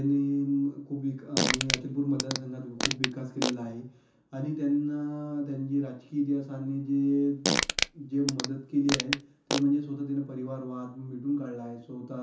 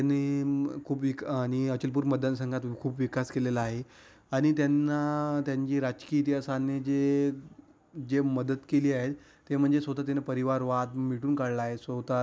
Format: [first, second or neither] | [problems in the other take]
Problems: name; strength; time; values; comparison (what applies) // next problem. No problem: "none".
second | background sound (Fart); 1 dB below the speech // room echo; dies away in 0.9 s